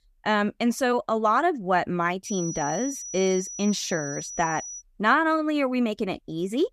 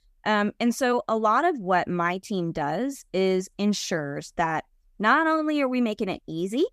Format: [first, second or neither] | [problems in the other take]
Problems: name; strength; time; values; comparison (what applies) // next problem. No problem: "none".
second | high-pitched whine; loud; from 2.5 to 5 s; 6 kHz, 9 dB below the speech